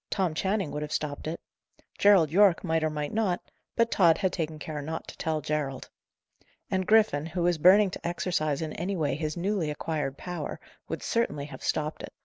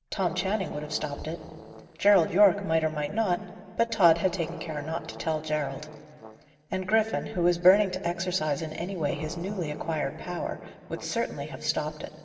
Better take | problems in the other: first | background sound (Brass instrument); 17 dB below the speech // room echo; dies away in 2.4 s

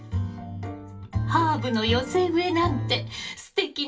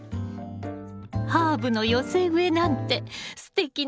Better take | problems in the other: second | room echo; dies away in 0.2 s

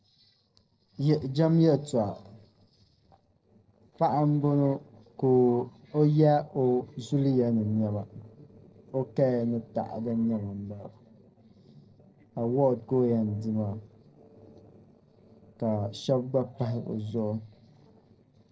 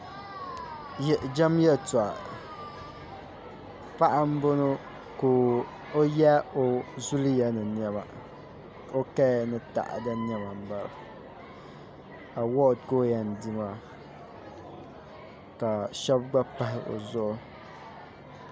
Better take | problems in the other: second | noise reduction (neural separator model SepFormer DNS4)

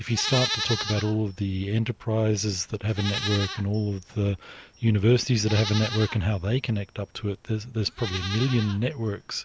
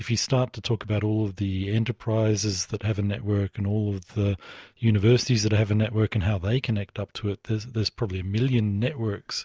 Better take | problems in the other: second | background sound (Livestock, farm animals, working animals); 11 dB below the speech

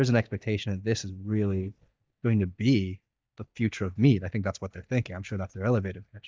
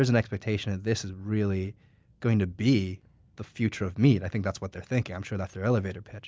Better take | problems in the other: second | noise reduction (neural mask model DeepFilterNet 3)

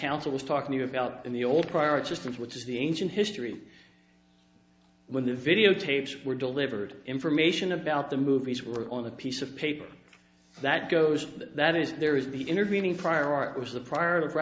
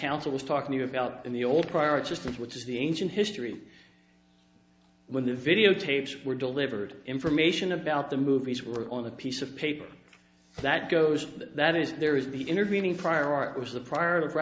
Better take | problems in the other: first | background sound (Tap); 18 dB below the speech

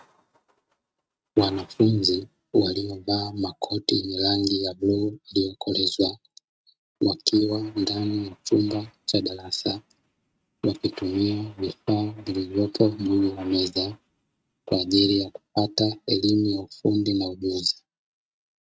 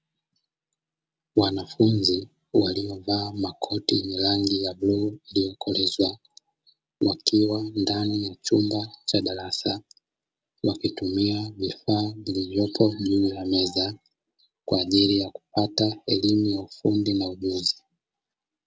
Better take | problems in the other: second | noise reduction (neural mask model RNNoise)

